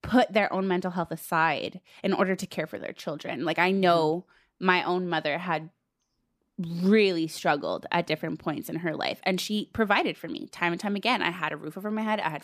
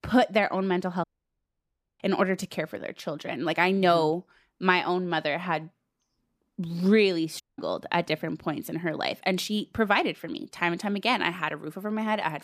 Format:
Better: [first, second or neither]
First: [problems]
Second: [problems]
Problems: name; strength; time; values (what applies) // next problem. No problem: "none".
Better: first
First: none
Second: audio cutting out; at 1 s for 1 s and at 7.5 s